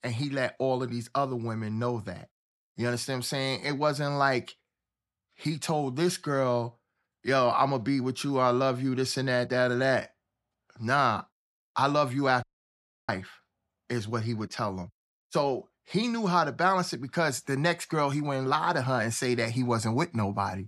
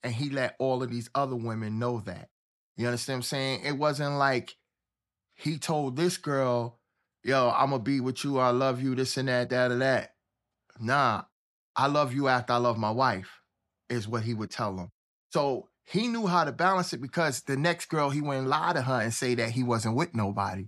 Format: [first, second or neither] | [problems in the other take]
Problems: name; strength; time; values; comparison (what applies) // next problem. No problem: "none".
second | audio cutting out; at 12 s for 0.5 s